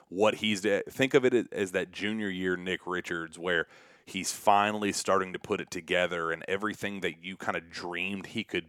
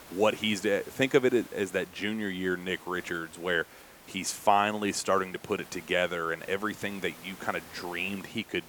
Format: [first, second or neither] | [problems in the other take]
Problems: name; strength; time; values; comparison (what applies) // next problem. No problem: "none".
first | hiss; noticeable; throughout; 20 dB below the speech